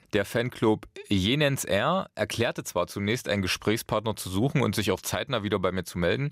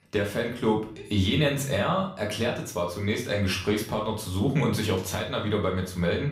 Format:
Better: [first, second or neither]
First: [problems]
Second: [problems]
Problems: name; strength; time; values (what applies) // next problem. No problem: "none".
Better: first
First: none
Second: room echo; slight; dies away in 0.4 s // off-mic speech; far